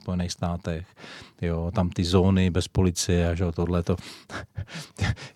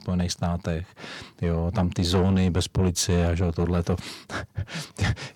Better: first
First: none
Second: distortion; slight; 10 dB below the speech

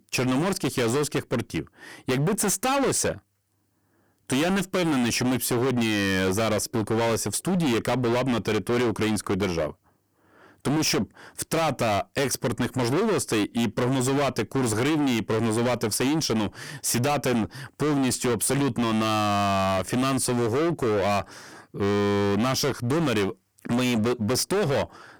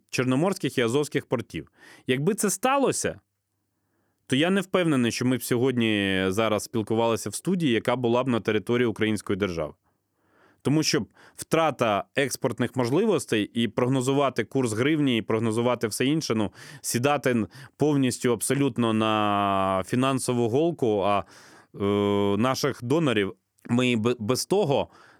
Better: second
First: distortion; heavy; 31% of the sound clipped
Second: none

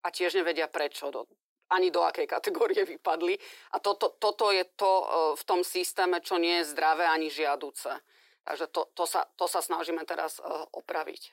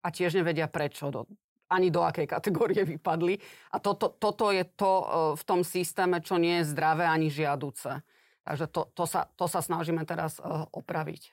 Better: second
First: thin; very; fading below 350 Hz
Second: none

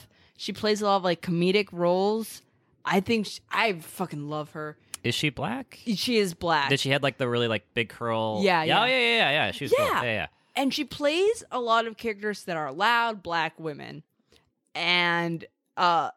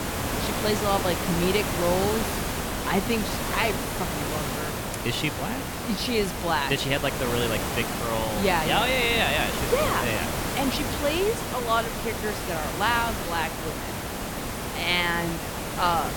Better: first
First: none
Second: hiss; loud; throughout; 2 dB below the speech

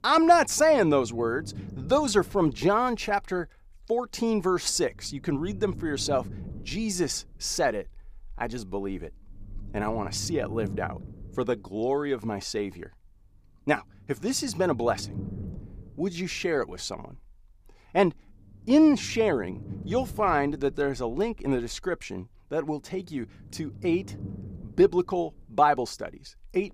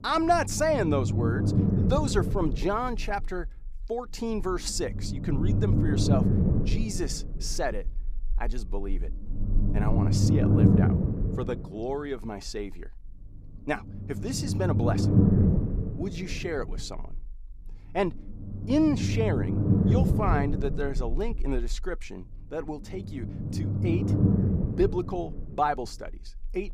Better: first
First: low rumble; faint; throughout; 25 dB below the speech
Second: low rumble; loud; throughout; 4 dB below the speech

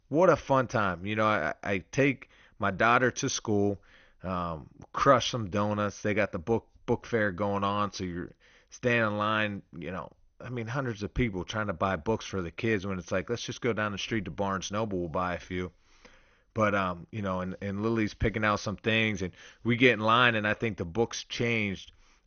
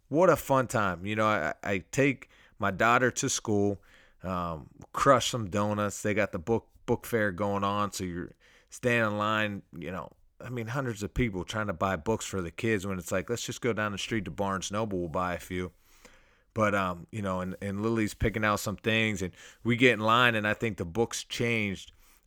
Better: second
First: garbled, watery; slightly; nothing above 6.5 kHz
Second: none

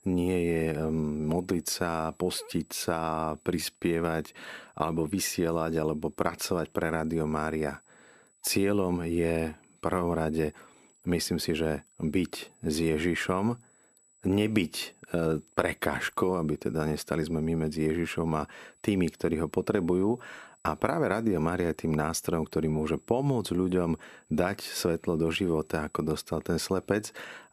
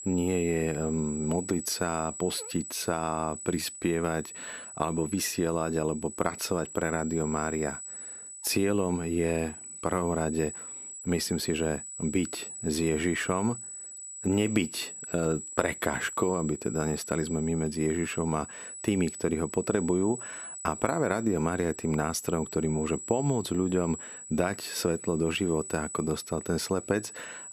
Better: first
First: high-pitched whine; faint; throughout; 8 kHz, 30 dB below the speech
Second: high-pitched whine; loud; throughout; 8 kHz, 9 dB below the speech

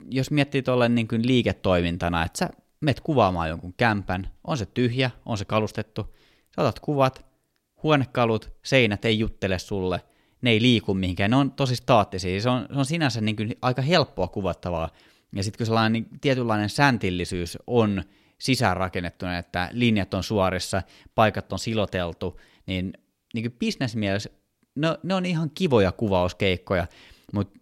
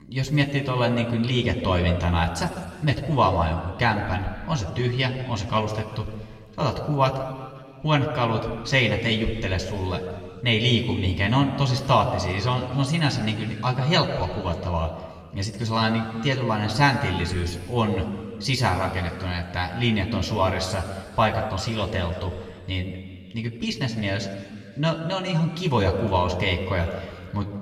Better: first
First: none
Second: room echo; noticeable; dies away in 2 s // off-mic speech; somewhat distant

